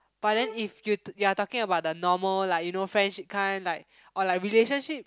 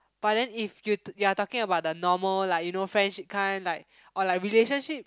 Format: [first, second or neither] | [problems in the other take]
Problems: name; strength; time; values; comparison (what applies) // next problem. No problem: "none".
second | background sound (Bowed string instrument); 16 dB below the speech